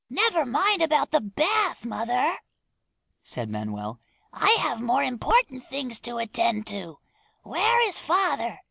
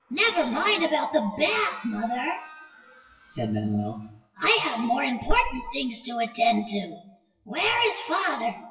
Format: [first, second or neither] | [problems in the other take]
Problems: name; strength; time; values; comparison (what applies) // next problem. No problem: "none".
first | noise reduction (classical method WPE with log-MMSE)